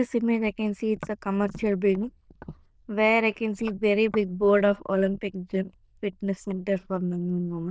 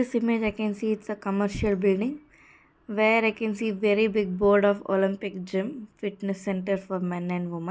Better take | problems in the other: second | noise reduction (neural diffusion model UNIVERSE++)

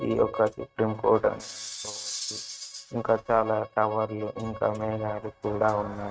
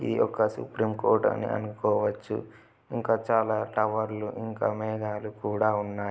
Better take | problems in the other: second | noise reduction (neural mask model RNNoise)

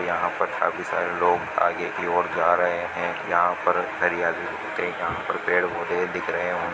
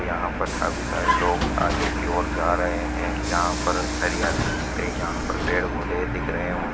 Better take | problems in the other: first | background sound (Vehicle); as loud as the speech

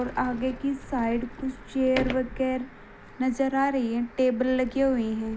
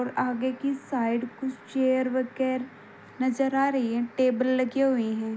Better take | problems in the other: second | background sound (Sliding door); 13 dB below the speech

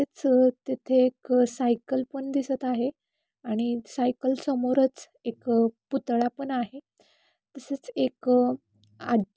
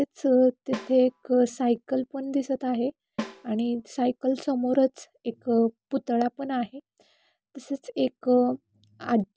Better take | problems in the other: first | background sound (Snare drum); 15 dB below the speech

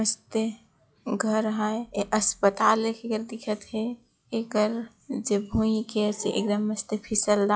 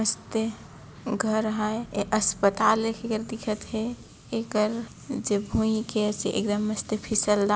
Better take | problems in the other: second | noise reduction (classical method log-MMSE)

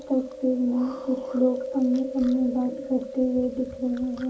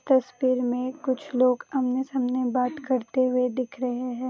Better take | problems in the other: second | background sound (Chewing, mastication); 10 dB below the speech // room echo; dies away in 0.3 s

